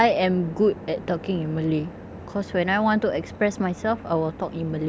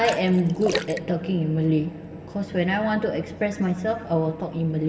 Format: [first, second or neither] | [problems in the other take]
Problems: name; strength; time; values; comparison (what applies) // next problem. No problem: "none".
first | background sound (Splash, splatter); 11 dB below the speech // room echo; dies away in 1.1 s